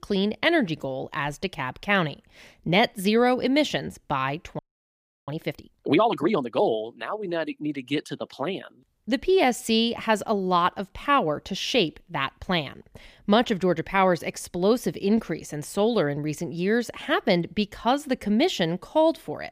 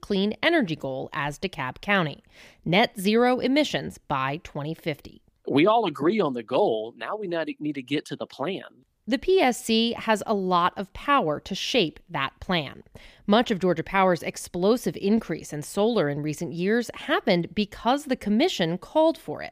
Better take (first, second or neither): second